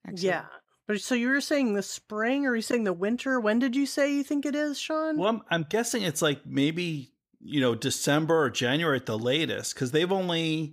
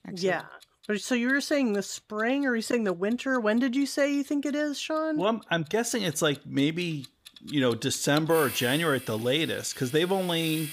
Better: first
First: none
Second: household noises; noticeable; throughout; 15 dB below the speech

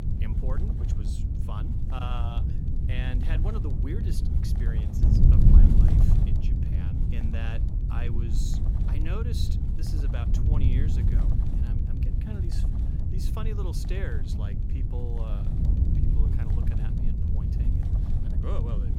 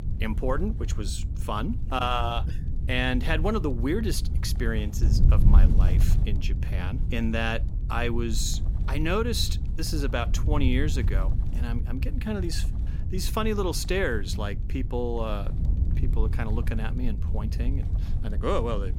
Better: second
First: wind noise on the microphone; heavy; 2 dB above the speech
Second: wind noise on the microphone; occasional gusts; 15 dB below the speech

